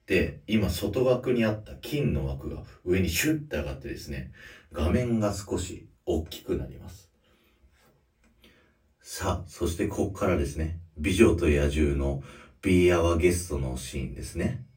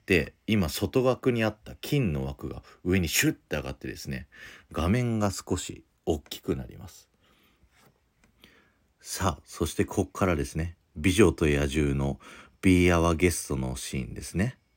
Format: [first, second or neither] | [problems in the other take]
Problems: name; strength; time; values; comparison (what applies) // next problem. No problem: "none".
second | off-mic speech; far // room echo; very slight; dies away in 0.2 s